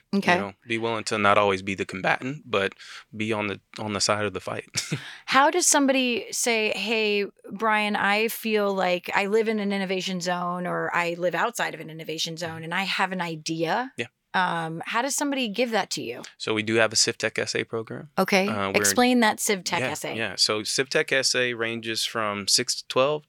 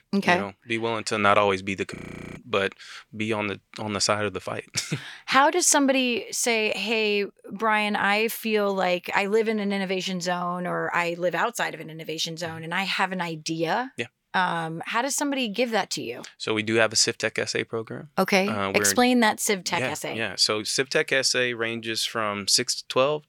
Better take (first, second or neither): first